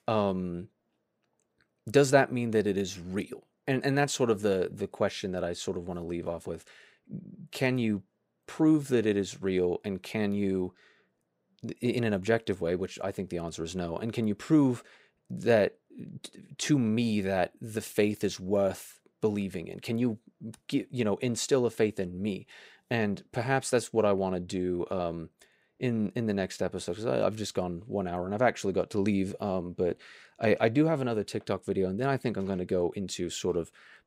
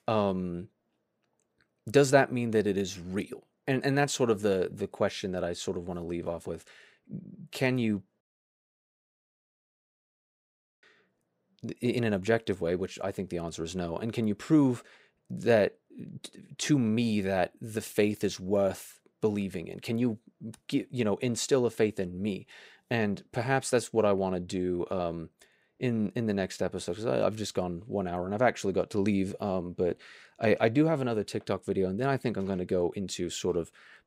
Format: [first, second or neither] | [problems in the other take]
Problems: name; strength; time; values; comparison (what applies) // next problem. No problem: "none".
first | audio cutting out; at 8 s for 2.5 s